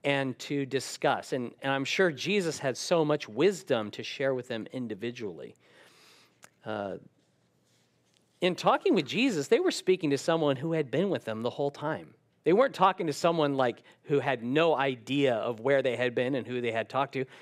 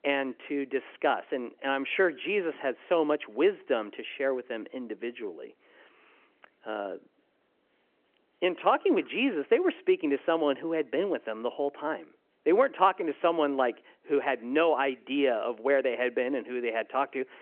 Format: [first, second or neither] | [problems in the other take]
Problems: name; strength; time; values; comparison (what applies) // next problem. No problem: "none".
first | phone-call audio